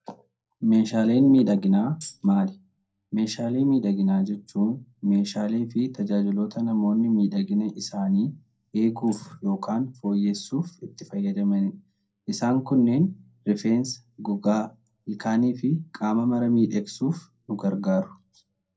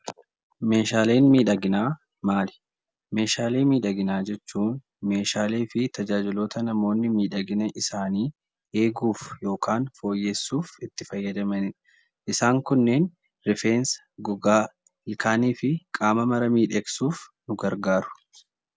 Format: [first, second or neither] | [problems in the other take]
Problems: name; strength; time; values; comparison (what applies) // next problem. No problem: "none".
second | noise reduction (neural separator model SepFormer DNS4)